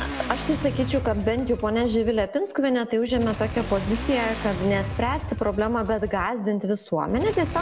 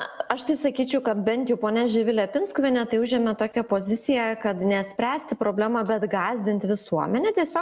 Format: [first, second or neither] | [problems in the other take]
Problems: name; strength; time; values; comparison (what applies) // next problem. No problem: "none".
second | background sound (Motorcycle / Accelerating, revving, vroom); 8 dB below the speech